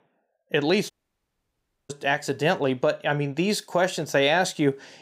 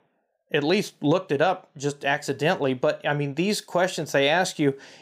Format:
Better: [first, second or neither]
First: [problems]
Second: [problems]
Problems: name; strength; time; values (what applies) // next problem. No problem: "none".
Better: second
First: audio cutting out; at 1 s for 1 s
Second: none